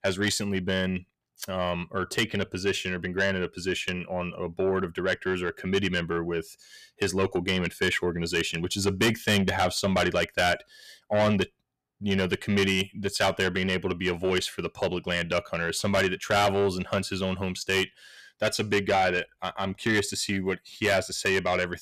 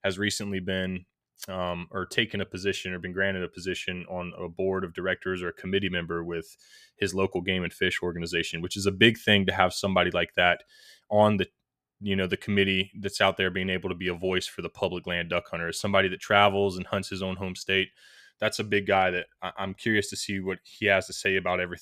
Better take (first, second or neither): second